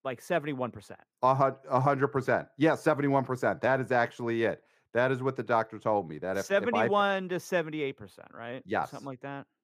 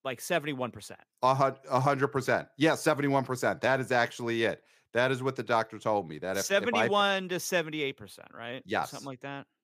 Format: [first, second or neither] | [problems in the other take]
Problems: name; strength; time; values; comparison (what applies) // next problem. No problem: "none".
second | muffled; slightly; fading above 2.5 kHz